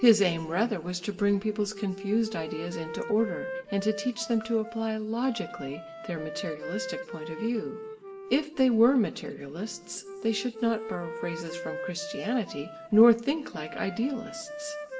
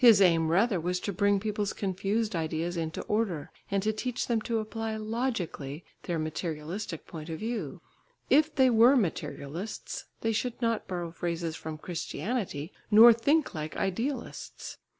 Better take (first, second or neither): second